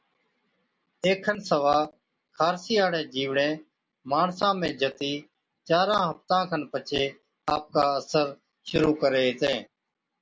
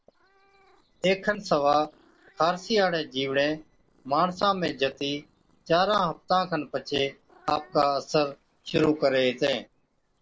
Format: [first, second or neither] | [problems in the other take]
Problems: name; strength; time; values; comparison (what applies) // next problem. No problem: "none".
first | noise reduction (neural separator model SepFormer DNS4)